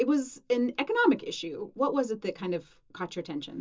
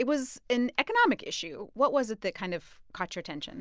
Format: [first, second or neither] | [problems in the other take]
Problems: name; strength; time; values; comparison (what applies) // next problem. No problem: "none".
second | room echo; dies away in 0.2 s